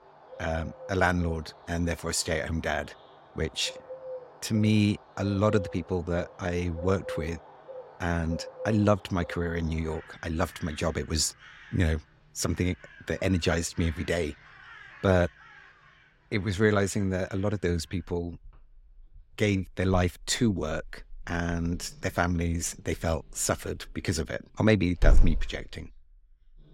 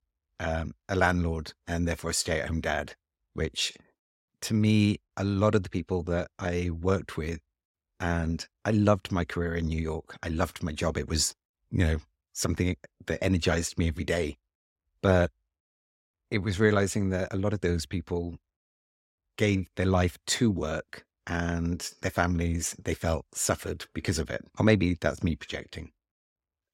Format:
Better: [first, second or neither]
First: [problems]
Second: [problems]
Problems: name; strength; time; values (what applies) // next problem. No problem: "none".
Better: second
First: animal sounds; noticeable; throughout; 10 dB below the speech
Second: none